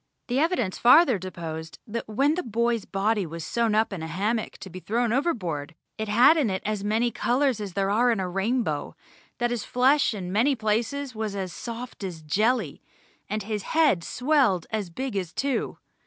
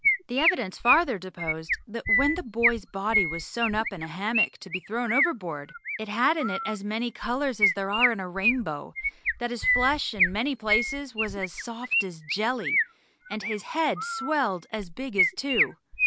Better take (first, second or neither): first